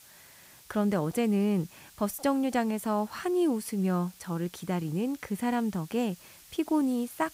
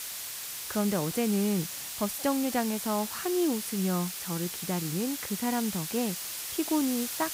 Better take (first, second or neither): first